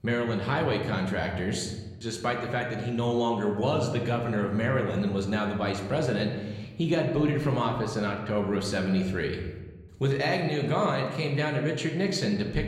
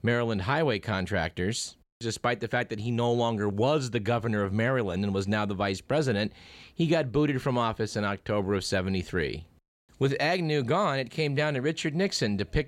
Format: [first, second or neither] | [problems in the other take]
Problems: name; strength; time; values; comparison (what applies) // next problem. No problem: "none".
second | room echo; slight; dies away in 1.1 s